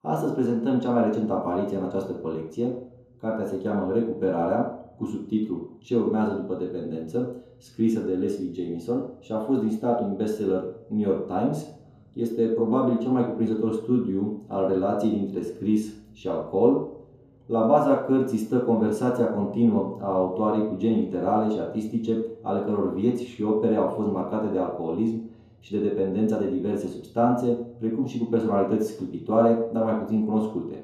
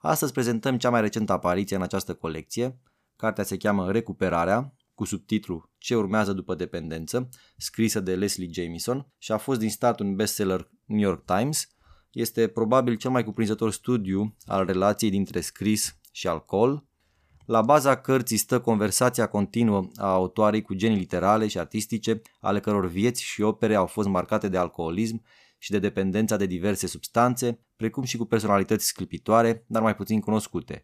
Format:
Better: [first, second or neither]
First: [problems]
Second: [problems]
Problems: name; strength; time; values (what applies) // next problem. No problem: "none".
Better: second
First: room echo; noticeable; dies away in 3 s // off-mic speech; far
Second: none